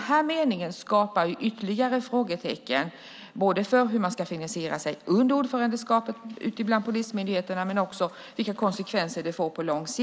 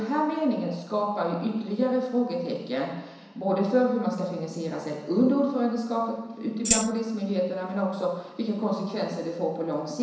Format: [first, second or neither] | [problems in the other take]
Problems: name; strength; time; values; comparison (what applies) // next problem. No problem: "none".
first | background sound (Tambourine); 1 dB below the speech // room echo; dies away in 1 s